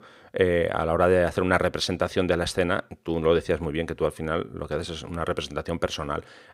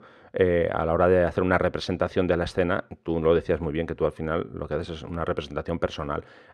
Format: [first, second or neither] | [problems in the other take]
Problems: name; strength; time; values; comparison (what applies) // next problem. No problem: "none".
first | muffled; slightly; fading above 2 kHz